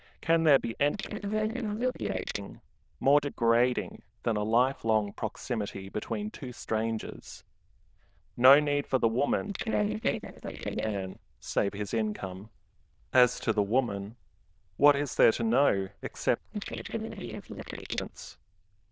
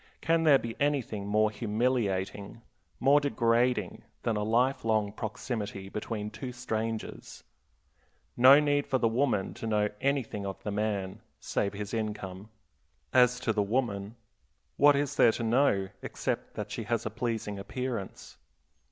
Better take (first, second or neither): second